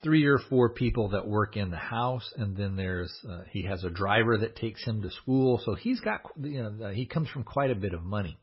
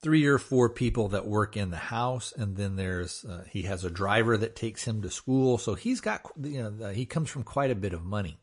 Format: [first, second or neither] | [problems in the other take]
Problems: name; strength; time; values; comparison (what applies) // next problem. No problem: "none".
second | garbled, watery; badly; nothing above 5.5 kHz; slightly in the second